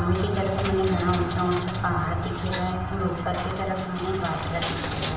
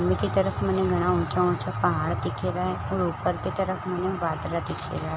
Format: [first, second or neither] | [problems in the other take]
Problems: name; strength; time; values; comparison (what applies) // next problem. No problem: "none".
second | background sound (Coin (dropping)); 11 dB below the speech // room echo; dies away in 0.8 s